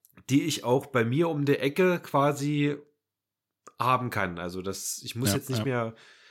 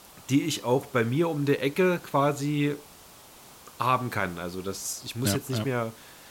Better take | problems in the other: first | hiss; faint; throughout; 20 dB below the speech

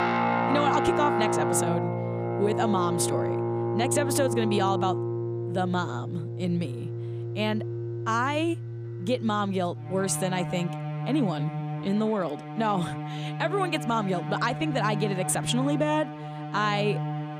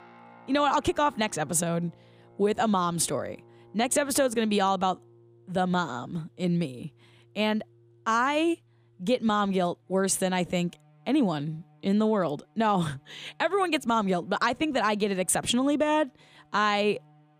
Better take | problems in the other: second | background music; loud; throughout; 2 dB below the speech; faint in the second

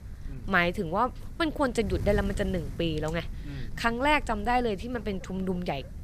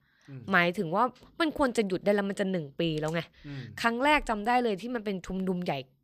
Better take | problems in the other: second | wind noise on the microphone; occasional gusts; 25 dB below the speech

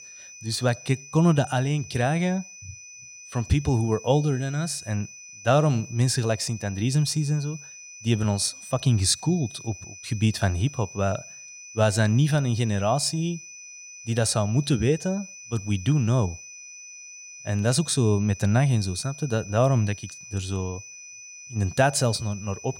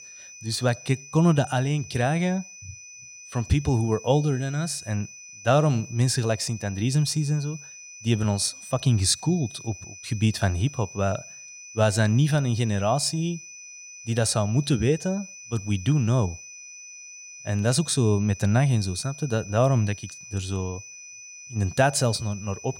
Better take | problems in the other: neither | high-pitched whine; noticeable; throughout; 6 kHz, 15 dB below the speech; the same in both

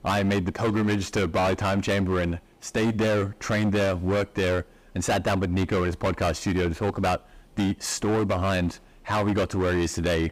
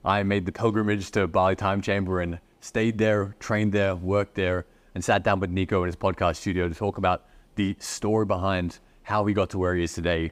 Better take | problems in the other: second | distortion; heavy; 19% of the sound clipped

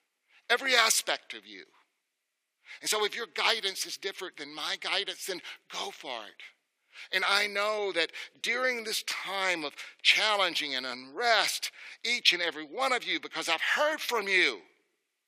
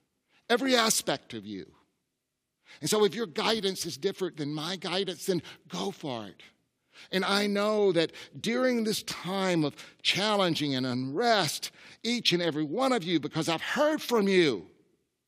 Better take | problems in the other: second | thin; very; fading below 650 Hz

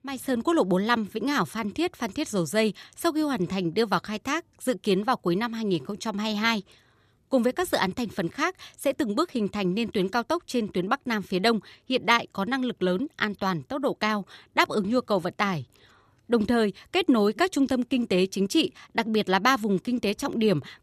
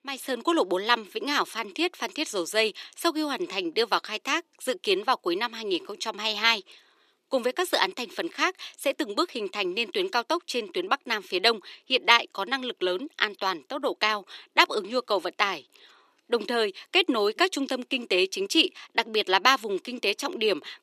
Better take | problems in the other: first | thin; somewhat; fading below 350 Hz

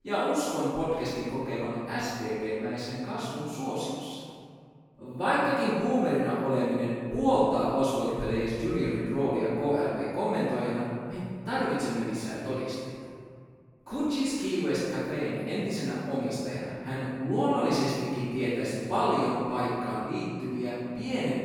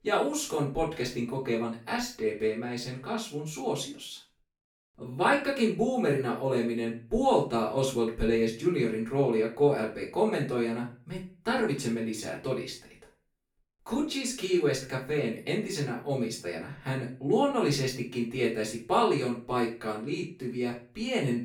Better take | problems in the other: second | room echo; strong; dies away in 2.2 s; slight in the second // off-mic speech; far; far in the second

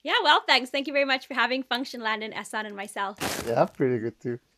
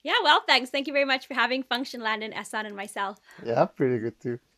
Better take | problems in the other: second | footsteps; noticeable; at 3 s; peak 6 dB below the speech

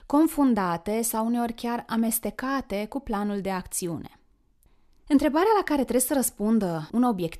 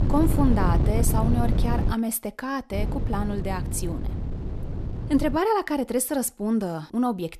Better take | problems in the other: first | wind noise on the microphone; heavy; until 2 s and from 2.5 to 5.5 s; 9 dB below the speech

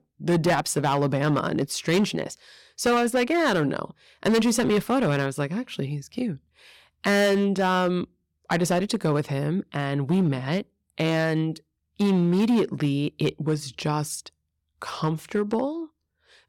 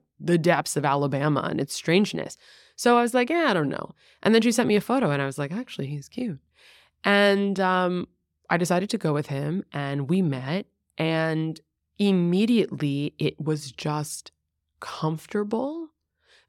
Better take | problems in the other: second | distortion; slight; 6% of the sound clipped

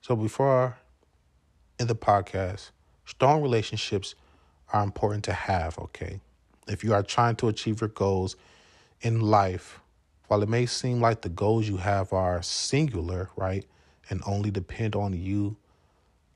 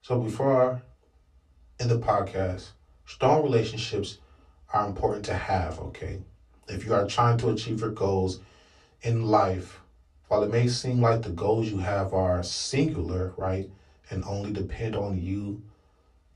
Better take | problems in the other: first | off-mic speech; far // room echo; very slight; dies away in 0.2 s

